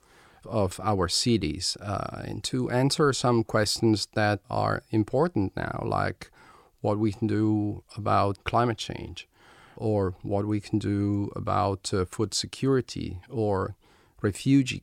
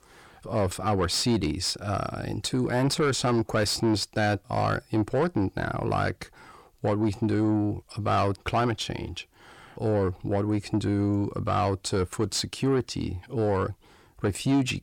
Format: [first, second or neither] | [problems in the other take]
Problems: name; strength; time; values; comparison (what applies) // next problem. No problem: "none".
first | distortion; slight; 10 dB below the speech